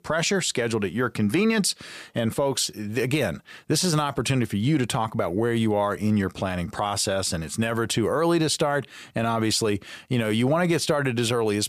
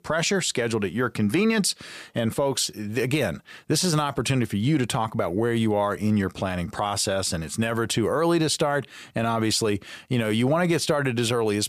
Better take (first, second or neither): neither